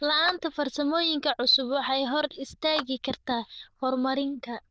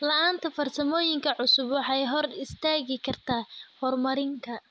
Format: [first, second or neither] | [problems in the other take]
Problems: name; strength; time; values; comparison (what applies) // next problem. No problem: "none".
second | noise reduction (neural diffusion model UNIVERSE++)